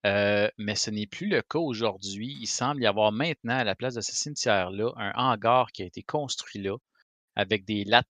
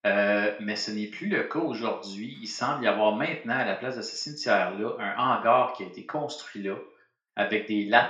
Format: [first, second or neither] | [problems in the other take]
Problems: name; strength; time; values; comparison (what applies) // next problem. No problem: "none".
first | room echo; slight; dies away in 0.4 s // off-mic speech; somewhat distant